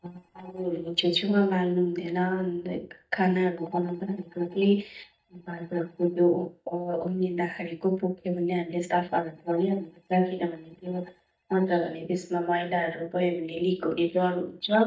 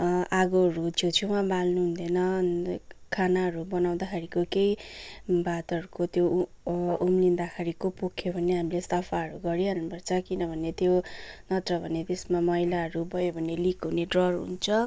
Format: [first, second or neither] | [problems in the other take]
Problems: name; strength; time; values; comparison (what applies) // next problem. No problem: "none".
second | noise reduction (neural mask model DeepFilterNet 3)